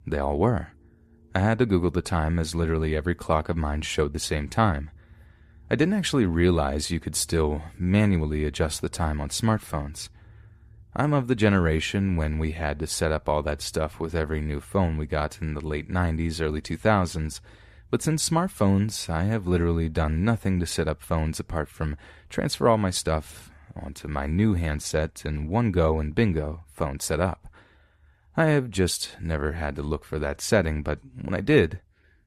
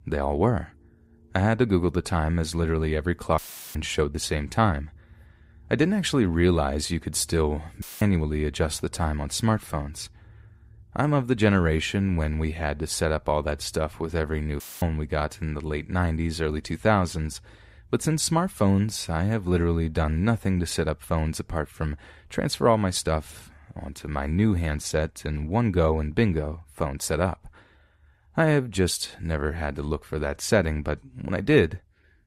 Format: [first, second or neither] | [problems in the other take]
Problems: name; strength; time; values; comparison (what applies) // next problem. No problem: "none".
first | audio cutting out; filled with static; at 3.5 s, at 8 s and at 15 s